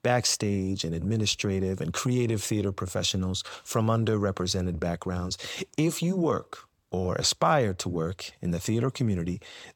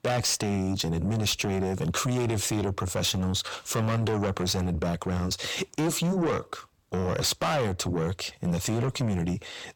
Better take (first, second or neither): first